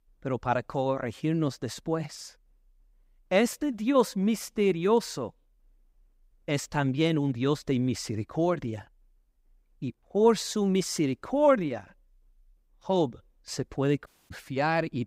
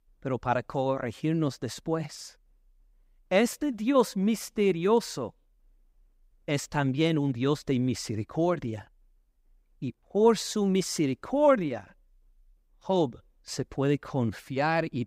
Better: second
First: audio cutting out; at 14 s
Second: none

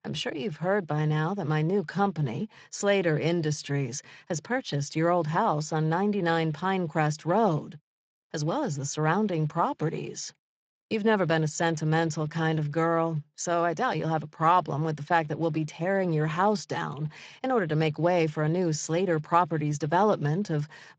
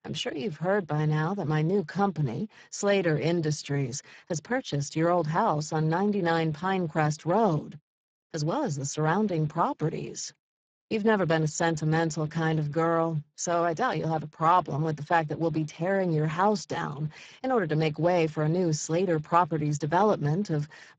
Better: first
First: garbled, watery; slightly; nothing above 7.5 kHz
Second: garbled, watery; badly; nothing above 7.5 kHz

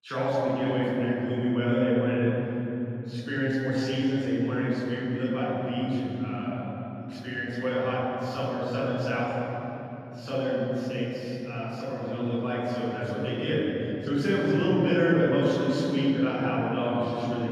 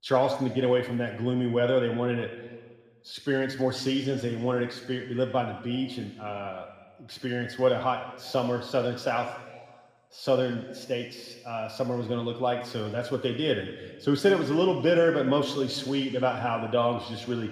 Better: second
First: room echo; strong; dies away in 3 s // off-mic speech; far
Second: room echo; slight; dies away in 1.6 s // off-mic speech; somewhat distant

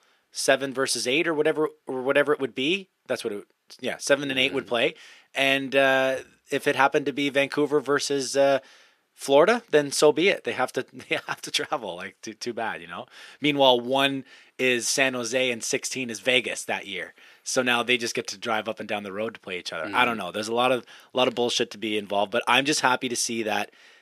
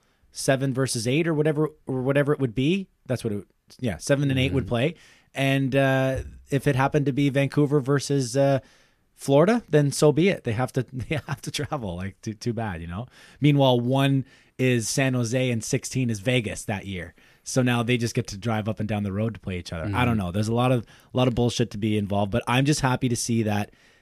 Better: second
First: thin; somewhat; fading below 400 Hz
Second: none

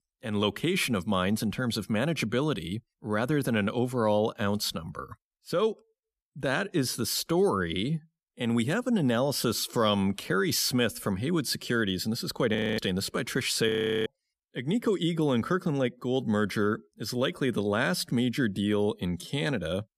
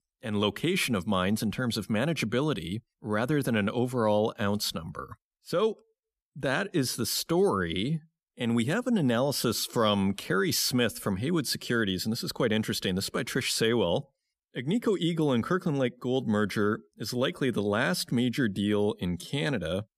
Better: second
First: audio freezing; at 13 s and at 14 s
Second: none

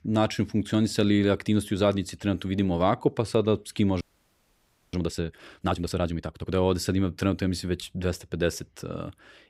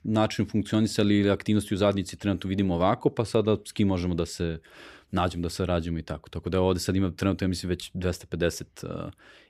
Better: second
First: audio freezing; at 4 s for 1 s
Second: none

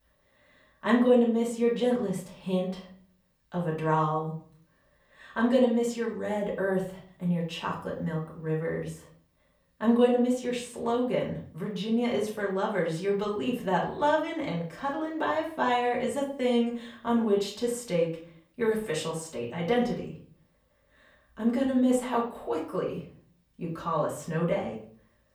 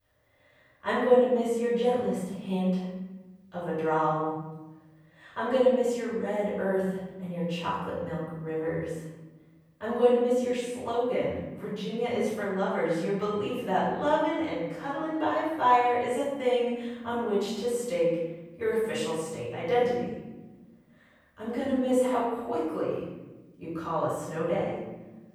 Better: first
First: room echo; slight; dies away in 0.4 s // off-mic speech; far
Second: room echo; strong; dies away in 1.1 s // off-mic speech; far

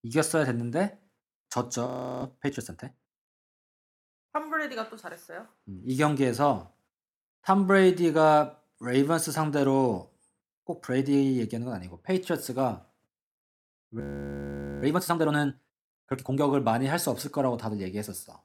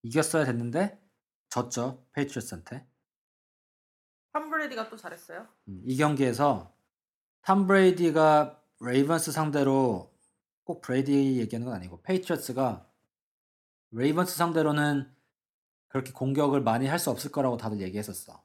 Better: second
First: audio freezing; at 2 s and at 14 s for 1 s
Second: none

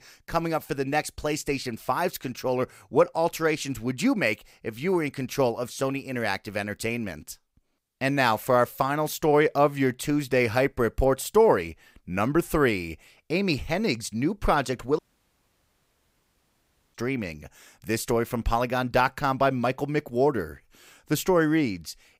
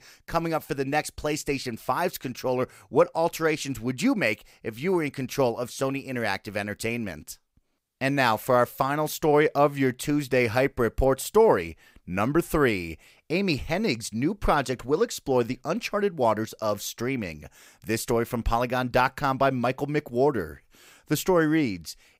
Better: second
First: audio cutting out; at 15 s for 2 s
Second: none

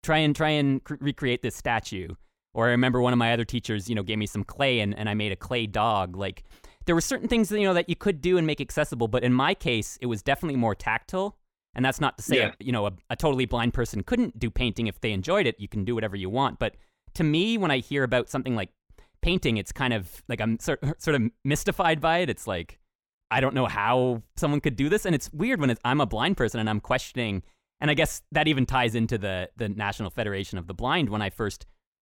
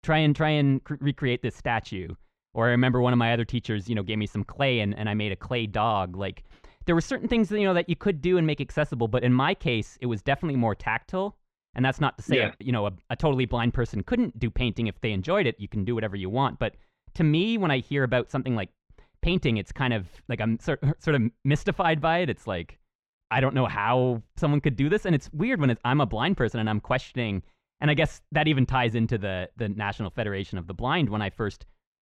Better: first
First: none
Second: muffled; slightly; fading above 3.5 kHz

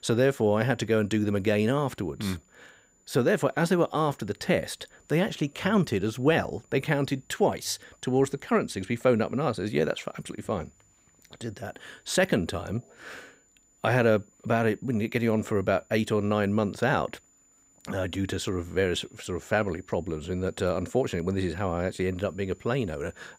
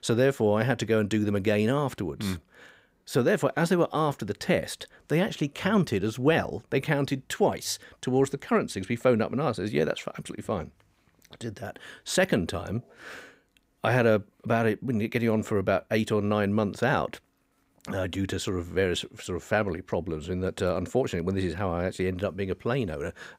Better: second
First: high-pitched whine; faint; throughout; 7 kHz, 35 dB below the speech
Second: none

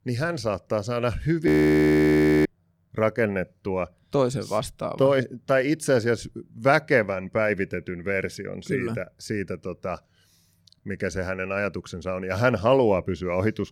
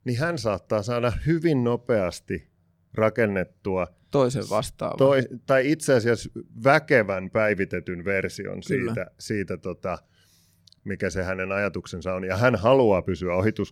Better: second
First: audio freezing; at 1.5 s for 1 s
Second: none

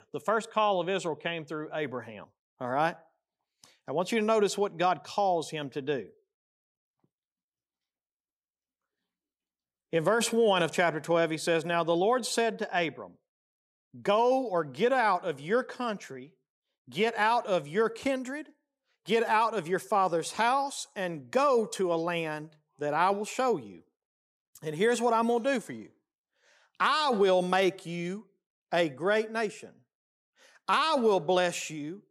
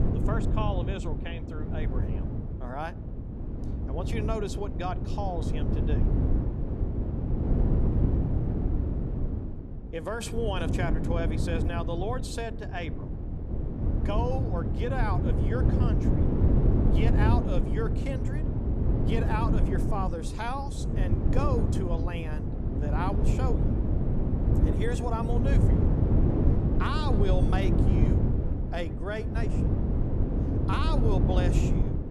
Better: first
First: none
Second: wind noise on the microphone; heavy; 2 dB below the speech

